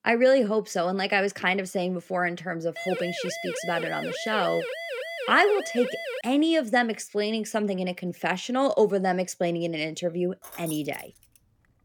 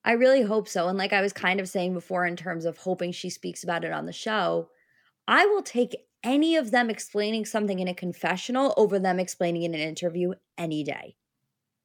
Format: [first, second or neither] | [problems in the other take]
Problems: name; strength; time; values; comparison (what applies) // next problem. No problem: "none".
second | siren; noticeable; from 3 to 6 s; peak 6 dB below the speech // jangling keys; faint; at 10 s; peak 15 dB below the speech